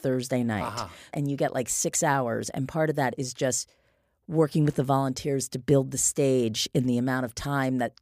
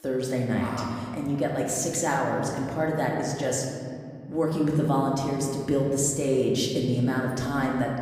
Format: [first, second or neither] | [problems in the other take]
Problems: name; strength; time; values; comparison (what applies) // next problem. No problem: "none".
first | room echo; noticeable; dies away in 2.2 s // off-mic speech; somewhat distant